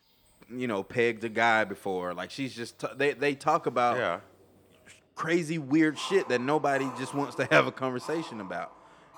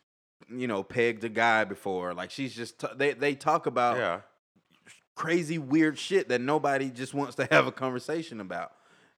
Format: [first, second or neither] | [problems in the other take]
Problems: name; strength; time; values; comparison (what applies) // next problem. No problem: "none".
second | animal sounds; noticeable; throughout; 15 dB below the speech